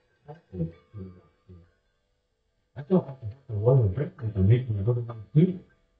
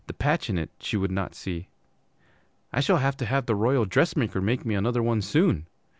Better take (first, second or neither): second